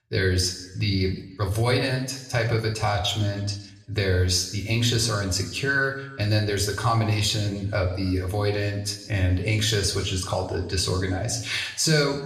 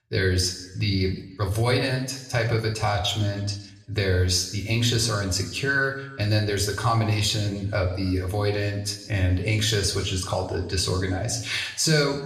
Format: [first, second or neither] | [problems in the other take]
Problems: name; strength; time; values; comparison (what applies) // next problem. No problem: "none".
neither | room echo; slight; dies away in 0.8 s; the same in both // off-mic speech; somewhat distant; the same in both